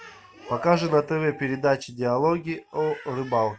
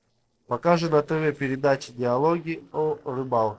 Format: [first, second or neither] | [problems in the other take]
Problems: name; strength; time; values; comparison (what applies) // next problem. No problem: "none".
first | noise reduction (neural separator model SepFormer DNS4)